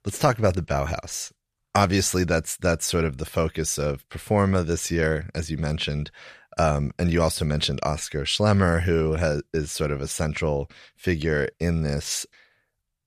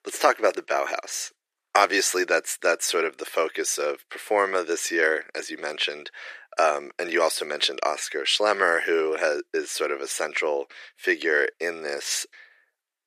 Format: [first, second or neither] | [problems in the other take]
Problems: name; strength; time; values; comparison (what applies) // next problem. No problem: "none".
first | thin; very; fading below 350 Hz